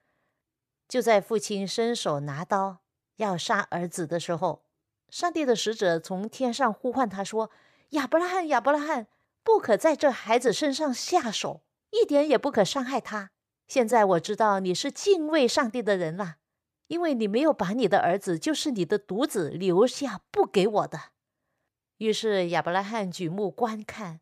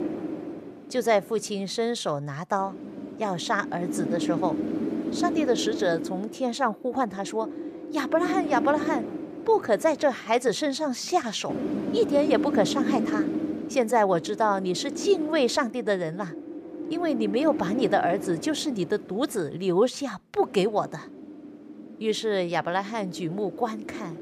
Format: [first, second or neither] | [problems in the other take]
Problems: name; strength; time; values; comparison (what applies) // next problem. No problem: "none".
first | wind noise on the microphone; heavy; 9 dB below the speech